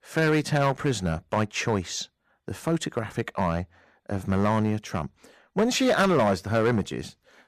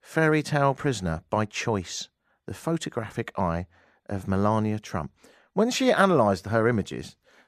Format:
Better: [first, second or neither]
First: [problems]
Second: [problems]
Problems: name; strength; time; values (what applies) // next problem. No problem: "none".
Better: second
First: distortion; slight; 5% of the sound clipped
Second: none